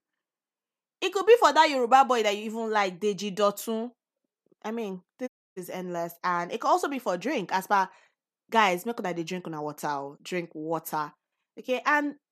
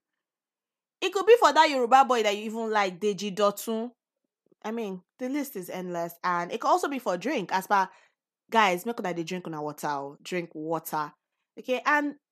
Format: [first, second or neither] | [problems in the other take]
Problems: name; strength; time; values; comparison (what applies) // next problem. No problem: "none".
second | audio cutting out; at 5.5 s